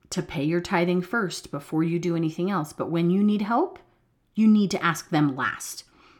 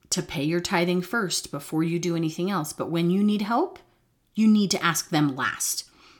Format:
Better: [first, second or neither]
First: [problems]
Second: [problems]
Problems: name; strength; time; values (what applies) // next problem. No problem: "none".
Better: second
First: muffled; slightly; fading above 3 kHz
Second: none